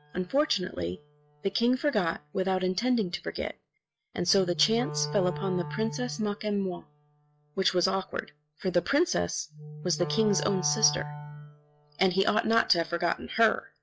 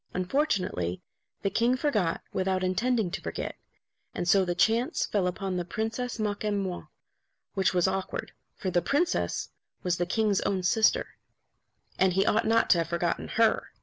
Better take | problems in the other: second | noise reduction (classical method log-MMSE)

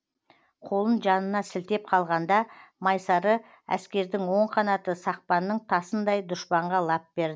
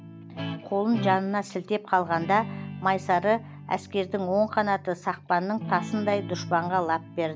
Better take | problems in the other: first | background sound (Guitar); 11 dB below the speech

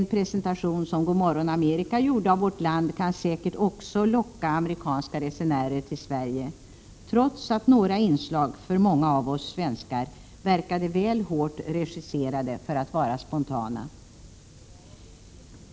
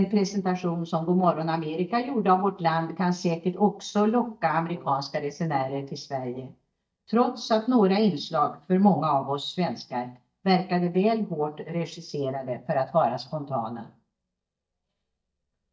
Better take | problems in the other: first | noise reduction (neural mask model DeepFilterNet 3)

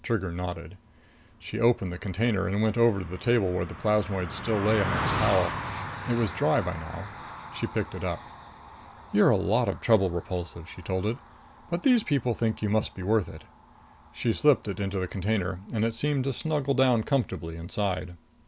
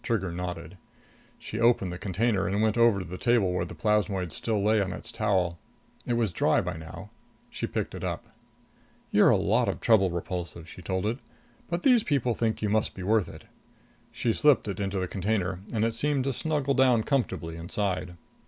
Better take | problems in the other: second | background sound (Car passing by); 12 dB below the speech

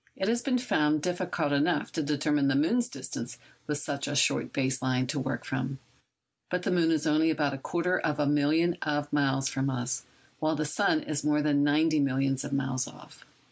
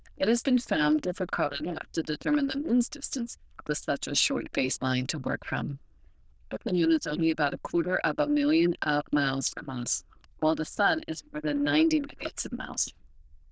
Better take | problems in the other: first | noise reduction (neural diffusion model UNIVERSE++)

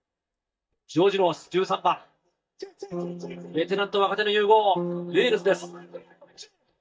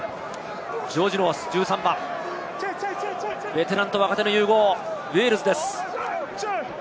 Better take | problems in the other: second | noise reduction (neural mask model DeepFilterNet 3)

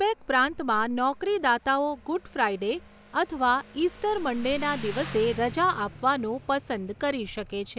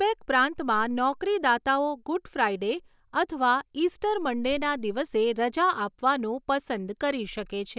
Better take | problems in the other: second | background sound (Motorcycle); 18 dB below the speech

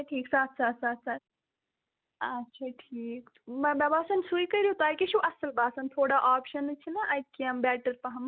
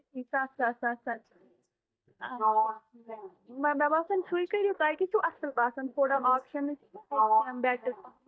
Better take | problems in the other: first | noise reduction (neural mask model DeepFilterNet 3)

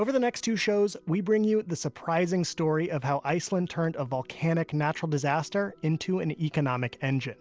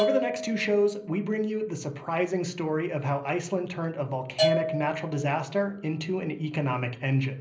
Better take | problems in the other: first | background sound (Bell / Percussion); 6 dB below the speech // room echo; dies away in 0.5 s

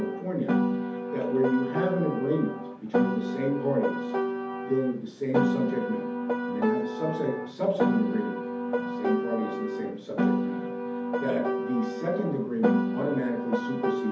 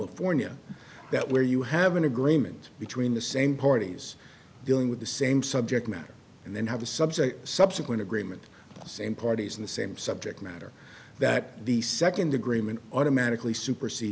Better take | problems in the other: second | background sound (Piano); 1 dB above the speech // room echo; dies away in 0.6 s

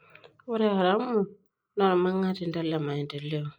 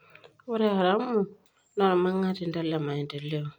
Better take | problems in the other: second | noise reduction (neural mask model Resemble Enhance denoiser)

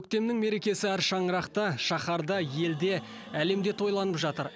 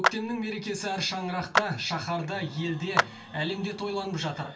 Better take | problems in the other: first | background sound (Clapping); 2 dB below the speech // room echo; dies away in 0.3 s

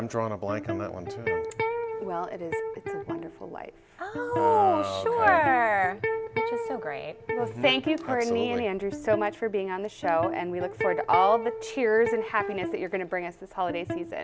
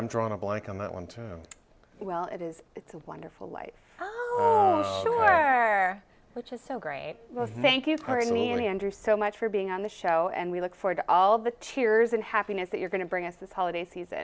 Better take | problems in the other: second | background sound (Electric guitar); 7 dB below the speech

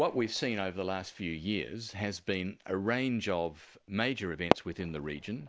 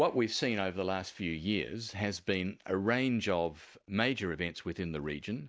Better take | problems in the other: second | background sound (Fireworks); 7 dB below the speech

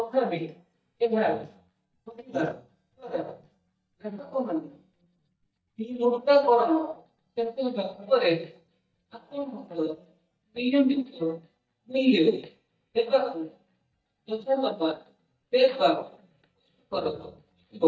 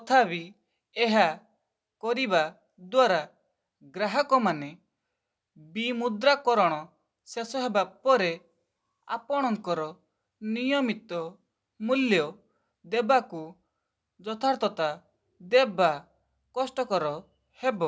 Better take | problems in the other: second | noise reduction (neural mask model DeepFilterNet 3)

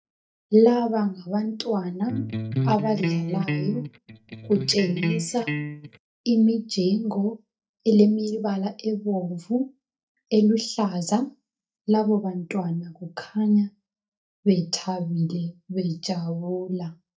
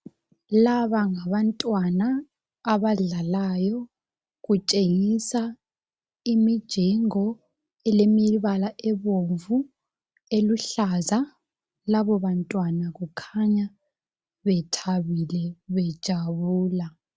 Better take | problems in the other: second | noise reduction (neural mask model DeepFilterNet 3)

